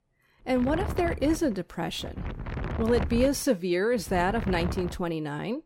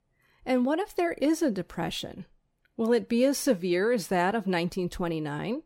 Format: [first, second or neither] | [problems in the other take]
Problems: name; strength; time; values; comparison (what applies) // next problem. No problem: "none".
second | wind noise on the microphone; occasional gusts; at 0.5 s, from 2 to 3.5 s and at 4 s; 10 dB below the speech